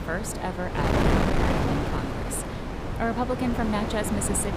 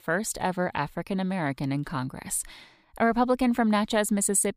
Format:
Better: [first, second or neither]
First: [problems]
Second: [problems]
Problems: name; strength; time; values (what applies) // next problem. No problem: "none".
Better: second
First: wind noise on the microphone; heavy; 1 dB above the speech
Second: none